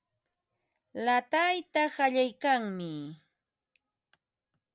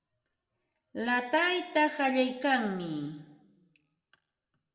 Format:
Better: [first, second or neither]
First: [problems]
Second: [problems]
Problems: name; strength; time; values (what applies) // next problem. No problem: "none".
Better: first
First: none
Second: room echo; dies away in 0.8 s